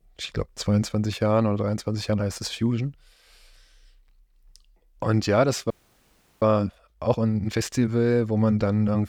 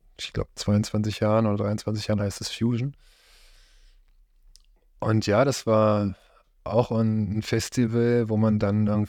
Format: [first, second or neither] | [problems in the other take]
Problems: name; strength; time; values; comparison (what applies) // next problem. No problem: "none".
second | audio freezing; at 5.5 s for 0.5 s